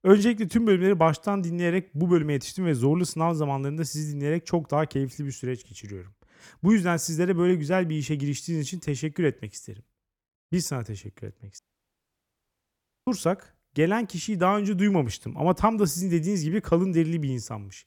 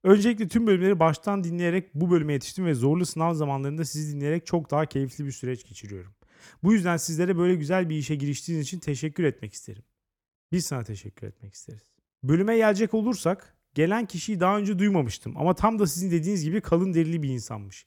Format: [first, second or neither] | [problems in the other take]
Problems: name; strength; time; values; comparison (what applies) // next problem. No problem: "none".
second | audio cutting out; at 12 s for 1.5 s